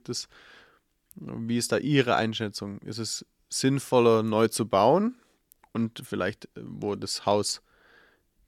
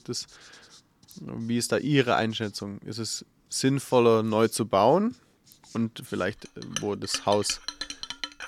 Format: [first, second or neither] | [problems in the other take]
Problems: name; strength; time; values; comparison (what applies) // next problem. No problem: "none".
first | household noises; loud; throughout; 9 dB below the speech